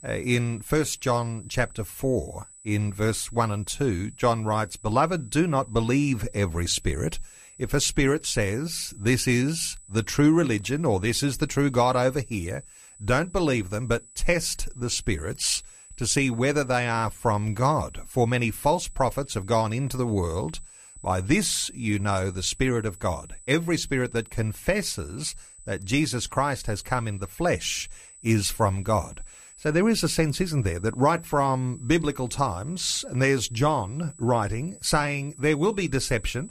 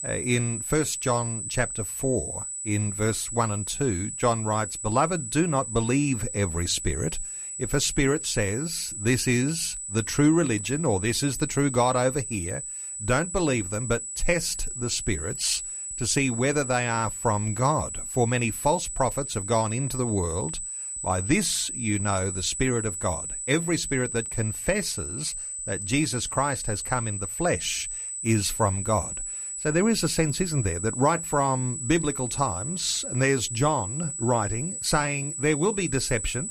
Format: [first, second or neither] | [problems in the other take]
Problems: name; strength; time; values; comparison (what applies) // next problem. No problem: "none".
first | high-pitched whine; loud; throughout; 8 kHz, 5 dB below the speech; faint in the first